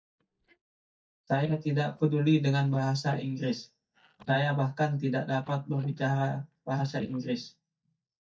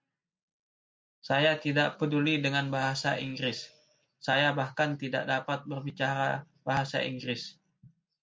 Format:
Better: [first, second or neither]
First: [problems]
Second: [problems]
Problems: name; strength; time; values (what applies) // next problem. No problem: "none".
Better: second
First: noise reduction (neural mask model DeepFilterNet 3)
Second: none